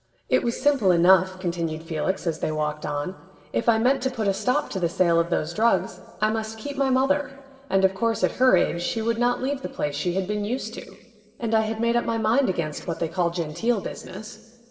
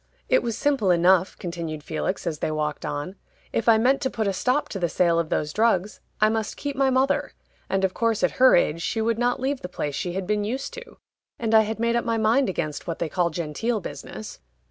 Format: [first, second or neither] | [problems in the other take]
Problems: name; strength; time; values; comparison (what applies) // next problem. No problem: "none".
second | room echo; dies away in 2.4 s